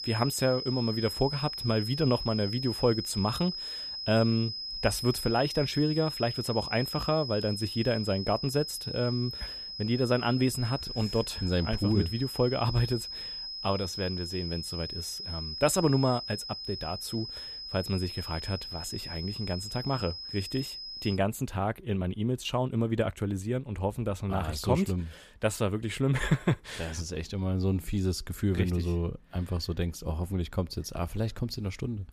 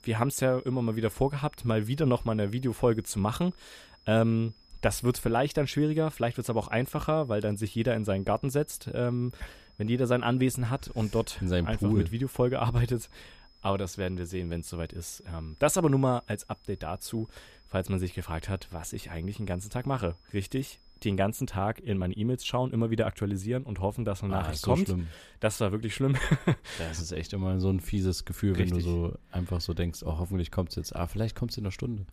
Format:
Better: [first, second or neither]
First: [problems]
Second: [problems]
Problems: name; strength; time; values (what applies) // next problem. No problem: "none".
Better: second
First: high-pitched whine; loud; until 21 s; 5 kHz, 6 dB below the speech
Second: high-pitched whine; faint; until 21 s; 5 kHz, 30 dB below the speech